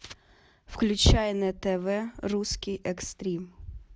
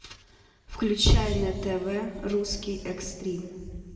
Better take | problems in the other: first | room echo; dies away in 1.8 s

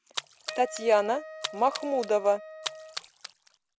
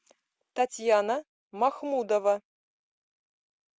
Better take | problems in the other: second | background sound (Splash, splatter + Wind instrument, woodwind instrument); 11 dB below the speech

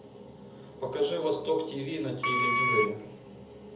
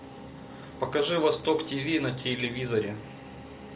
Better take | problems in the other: second | background sound (Wind instrument, woodwind instrument); 3 dB above the speech // room echo; dies away in 0.7 s

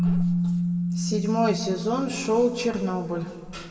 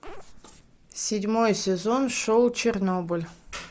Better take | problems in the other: second | background sound (Keyboard (musical)); 1 dB below the speech // room echo; dies away in 1.6 s

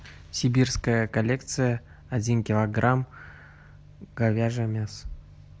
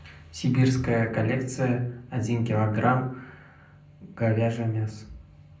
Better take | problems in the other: first | room echo; dies away in 0.6 s

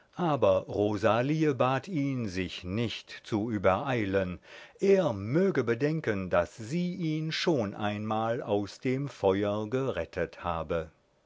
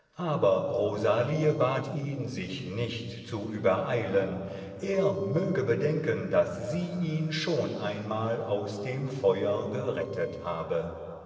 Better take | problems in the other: first | noise reduction (neural separator model SepFormer DNS4)

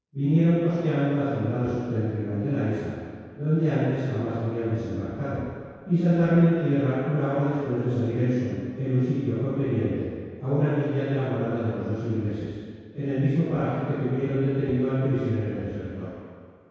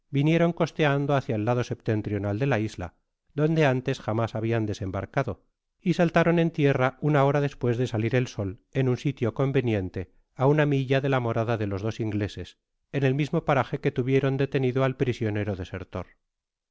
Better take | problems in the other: second | background sound (Bowed string instrument); 19 dB below the speech // room echo; dies away in 2 s

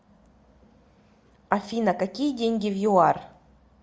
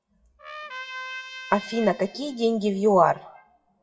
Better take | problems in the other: first | noise reduction (classical method WPE with log-MMSE)

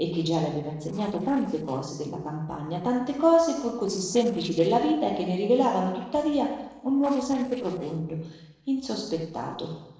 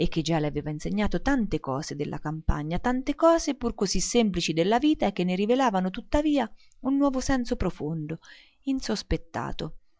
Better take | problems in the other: second | noise reduction (neural separator model SepFormer DNS4)

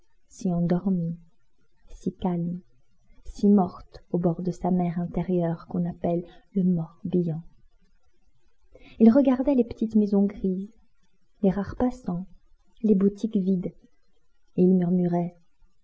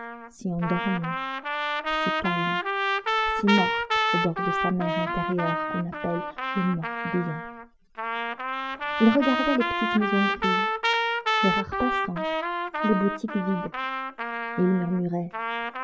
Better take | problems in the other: first | background sound (Trumpet); 1 dB above the speech

